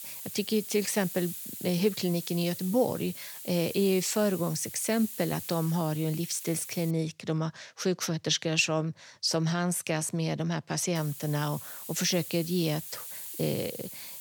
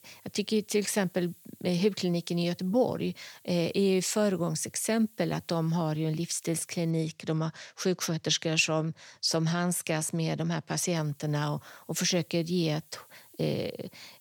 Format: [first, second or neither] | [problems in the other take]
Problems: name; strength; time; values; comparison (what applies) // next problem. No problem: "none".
second | hiss; loud; until 7 s and from 11 s on; 9 dB below the speech; faint in the second